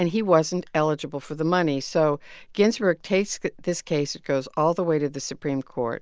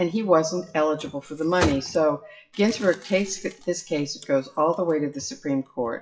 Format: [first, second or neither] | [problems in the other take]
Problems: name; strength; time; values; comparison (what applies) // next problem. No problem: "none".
first | noise reduction (classical method WPE with log-MMSE)